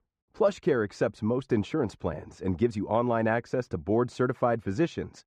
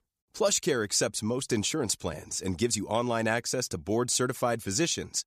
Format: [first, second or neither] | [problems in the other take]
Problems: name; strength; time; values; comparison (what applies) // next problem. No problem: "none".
second | muffled; very; fading above 4 kHz